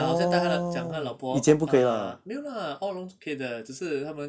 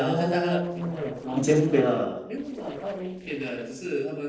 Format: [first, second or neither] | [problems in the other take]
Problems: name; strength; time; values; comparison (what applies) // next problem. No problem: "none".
first | noise reduction (neural separator model SepFormer DNS4)